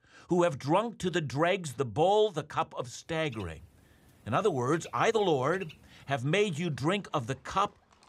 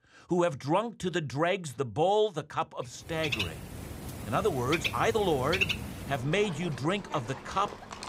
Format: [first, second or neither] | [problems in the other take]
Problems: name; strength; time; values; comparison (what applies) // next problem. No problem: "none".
first | animal sounds; loud; from 3 s on; 5 dB below the speech; faint in the first